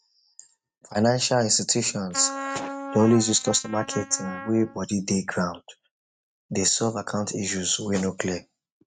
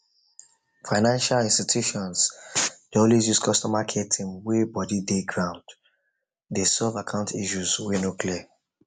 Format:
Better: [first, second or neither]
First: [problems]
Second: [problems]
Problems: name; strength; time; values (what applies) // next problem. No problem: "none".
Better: second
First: noise reduction (neural mask model RNNoise)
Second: none